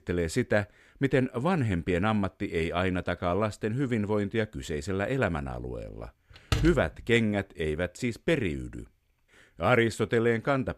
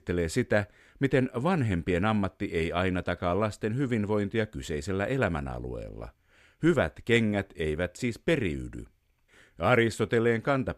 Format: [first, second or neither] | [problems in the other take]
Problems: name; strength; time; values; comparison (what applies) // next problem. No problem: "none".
second | door banging; noticeable; at 6.5 s; peak 2 dB below the speech